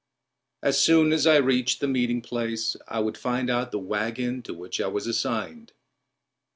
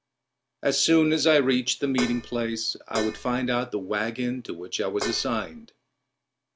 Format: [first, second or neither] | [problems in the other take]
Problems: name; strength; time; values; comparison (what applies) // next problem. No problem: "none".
first | background sound (Dishes, pots, and pans); 9 dB below the speech